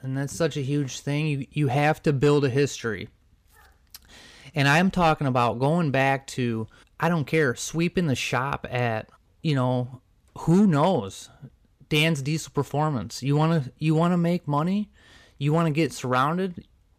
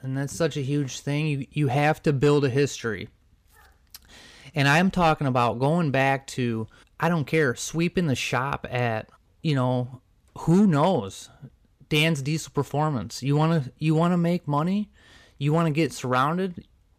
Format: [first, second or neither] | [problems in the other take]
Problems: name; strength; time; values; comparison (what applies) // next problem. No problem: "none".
neither | none